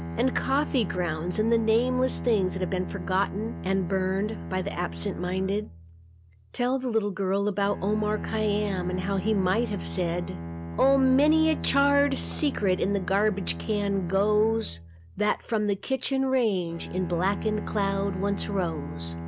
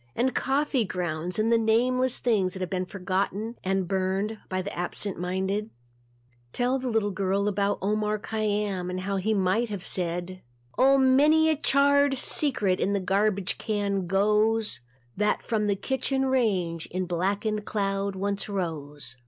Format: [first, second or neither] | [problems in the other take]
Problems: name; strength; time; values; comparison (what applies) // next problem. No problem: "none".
second | background sound (Bowed string instrument); 9 dB below the speech